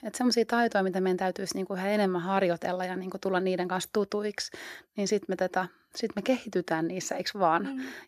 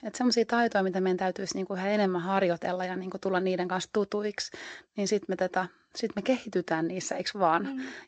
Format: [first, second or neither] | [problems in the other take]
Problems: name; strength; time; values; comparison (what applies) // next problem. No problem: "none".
first | garbled, watery; slightly; nothing above 7.5 kHz